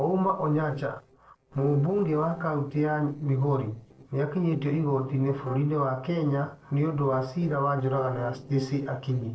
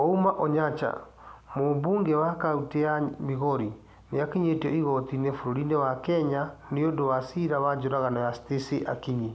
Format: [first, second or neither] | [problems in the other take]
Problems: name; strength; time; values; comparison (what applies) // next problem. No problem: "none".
second | noise reduction (neural separator model SepFormer DNS4)